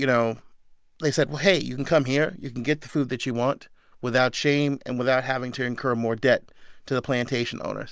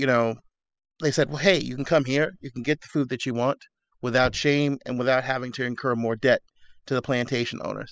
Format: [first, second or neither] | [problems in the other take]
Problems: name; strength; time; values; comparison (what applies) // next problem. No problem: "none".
first | noise reduction (classical method spectral subtraction)